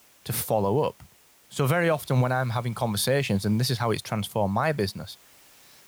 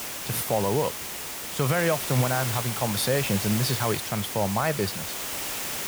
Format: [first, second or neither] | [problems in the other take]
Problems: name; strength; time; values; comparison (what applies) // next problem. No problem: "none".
first | hiss; loud; throughout; 3 dB below the speech; faint in the first